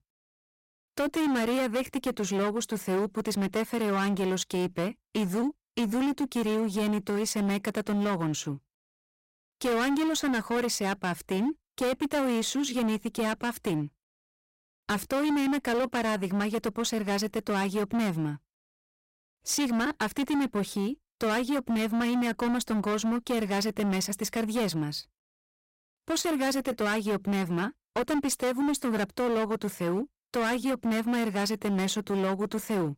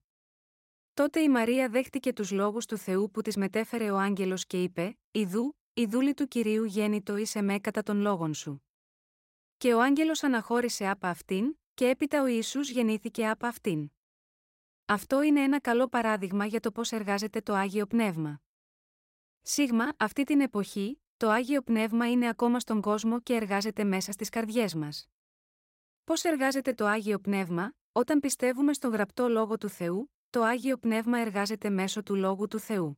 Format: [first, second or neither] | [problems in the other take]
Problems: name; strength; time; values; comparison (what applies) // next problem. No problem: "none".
second | distortion; heavy; 21% of the sound clipped